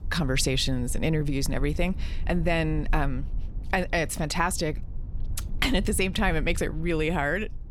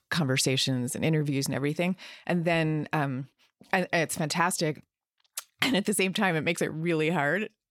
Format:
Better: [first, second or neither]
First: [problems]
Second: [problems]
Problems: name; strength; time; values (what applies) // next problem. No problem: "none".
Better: second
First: low rumble; faint; throughout; 25 dB below the speech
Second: none